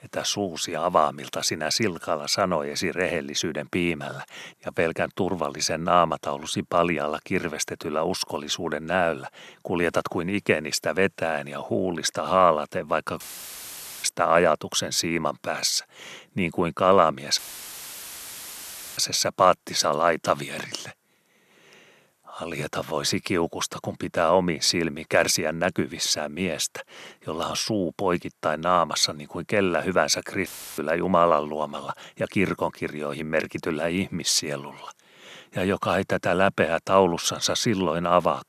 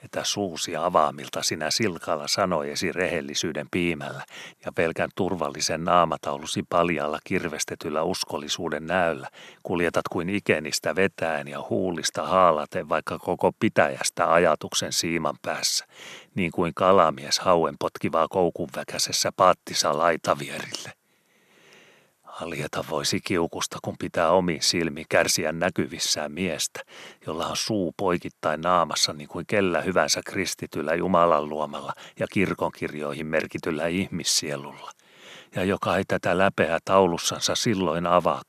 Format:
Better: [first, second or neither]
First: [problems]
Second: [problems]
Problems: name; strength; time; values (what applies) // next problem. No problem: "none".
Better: second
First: audio cutting out; filled with static; at 13 s for 1 s, at 17 s for 1.5 s and at 30 s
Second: none